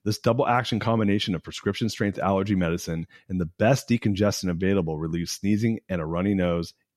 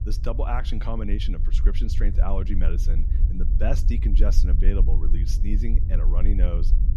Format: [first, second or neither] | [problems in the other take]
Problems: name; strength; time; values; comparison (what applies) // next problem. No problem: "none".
first | low rumble; loud; throughout; 9 dB below the speech